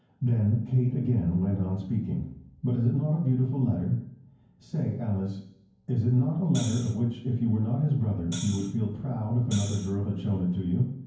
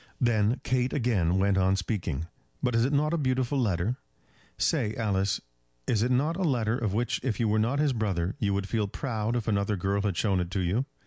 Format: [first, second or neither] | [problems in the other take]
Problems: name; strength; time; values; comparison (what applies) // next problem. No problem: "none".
second | background sound (Hi-hat); 15 dB below the speech // room echo; dies away in 0.9 s